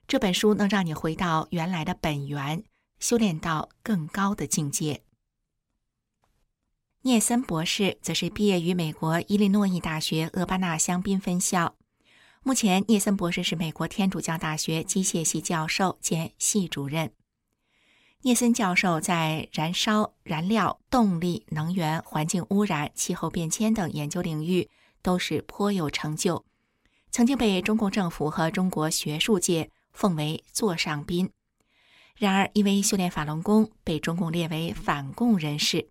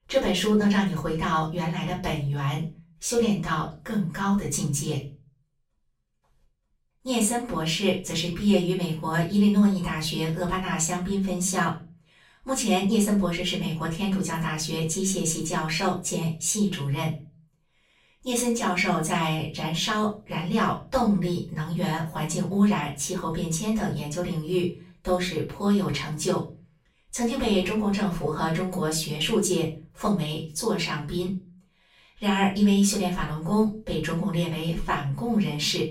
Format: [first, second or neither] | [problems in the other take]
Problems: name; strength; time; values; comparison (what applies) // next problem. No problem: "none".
first | off-mic speech; far // room echo; slight; dies away in 0.3 s